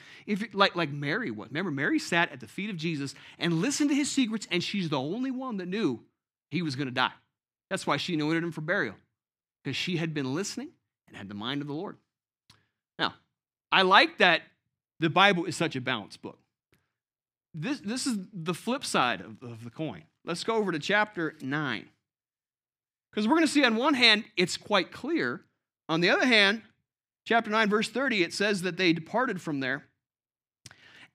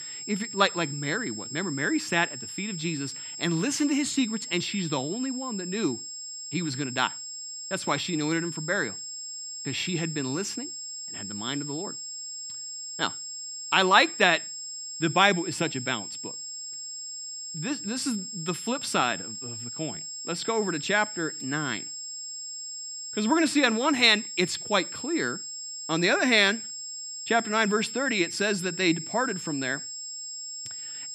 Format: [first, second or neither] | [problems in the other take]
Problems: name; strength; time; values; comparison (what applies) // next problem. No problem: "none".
first | high-pitched whine; loud; throughout; 7.5 kHz, 8 dB below the speech